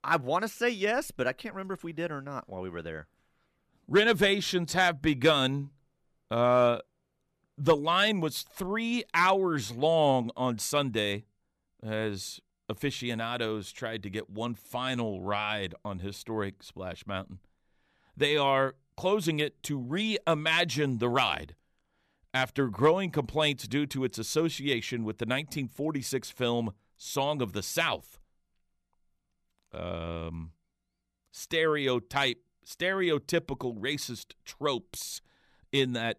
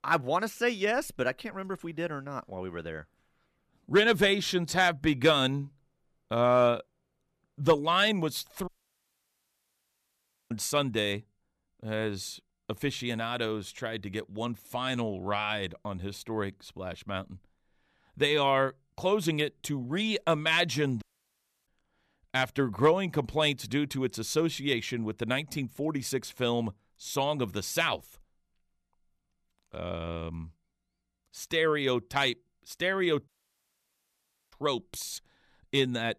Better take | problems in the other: first | audio cutting out; at 8.5 s for 2 s, at 21 s for 0.5 s and at 33 s for 1 s

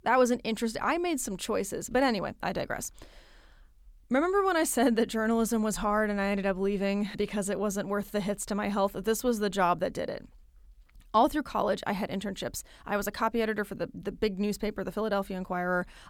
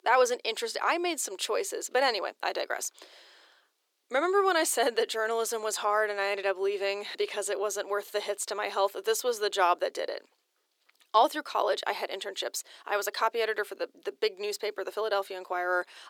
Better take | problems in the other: first | thin; very; fading below 350 Hz

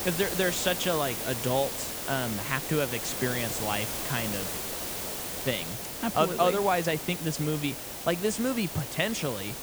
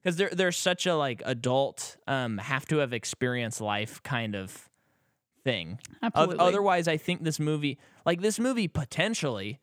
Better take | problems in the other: second | hiss; loud; throughout; 3 dB below the speech

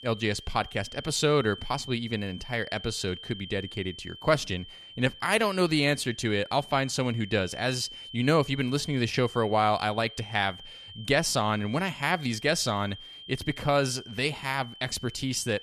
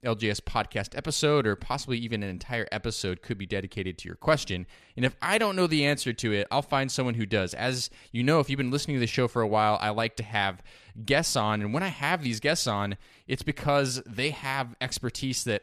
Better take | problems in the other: second | high-pitched whine; noticeable; throughout; 3 kHz, 15 dB below the speech

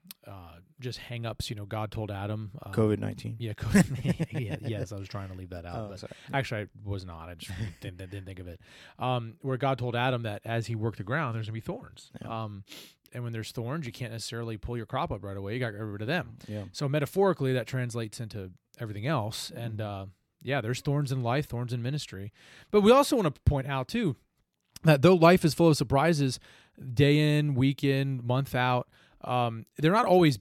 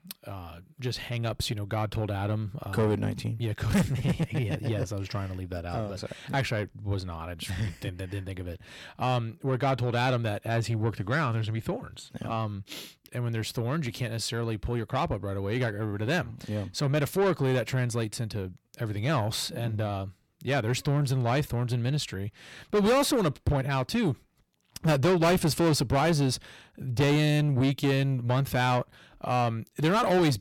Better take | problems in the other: first | distortion; heavy; 7 dB below the speech

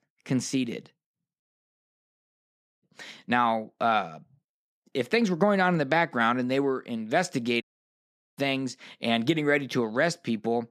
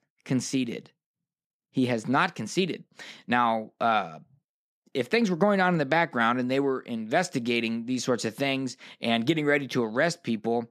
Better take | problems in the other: second | audio cutting out; at 1.5 s for 1.5 s and at 7.5 s for 0.5 s

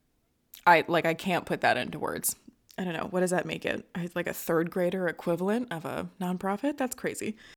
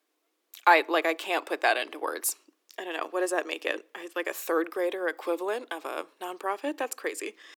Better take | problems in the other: first | thin; very; fading below 300 Hz

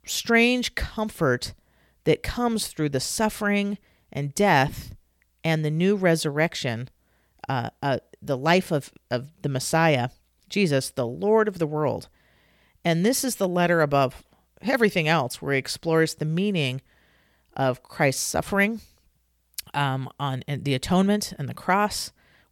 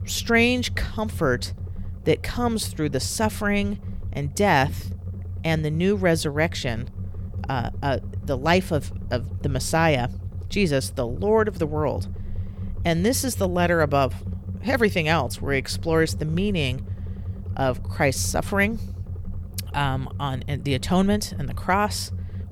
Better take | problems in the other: first | low rumble; faint; throughout; 20 dB below the speech

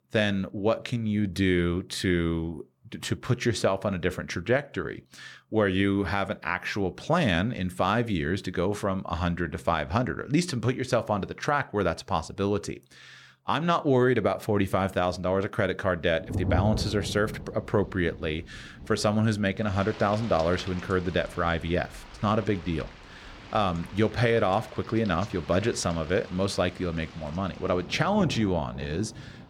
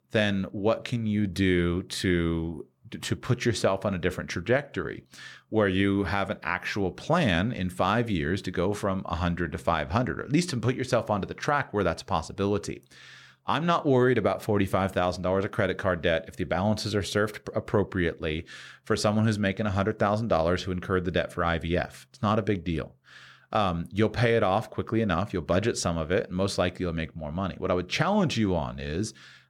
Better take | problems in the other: second | rain or running water; noticeable; from 16 s on; 15 dB below the speech

